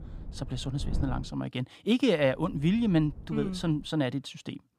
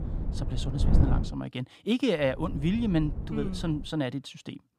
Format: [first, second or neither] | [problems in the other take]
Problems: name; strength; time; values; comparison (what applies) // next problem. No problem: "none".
first | wind noise on the microphone; heavy; until 1.5 s and from 2.5 to 4 s; 10 dB below the speech; occasional gusts in the first